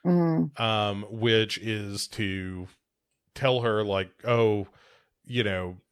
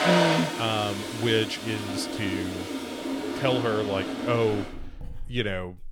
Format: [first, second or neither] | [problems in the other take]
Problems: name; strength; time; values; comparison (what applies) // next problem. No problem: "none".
first | household noises; loud; throughout; 2 dB below the speech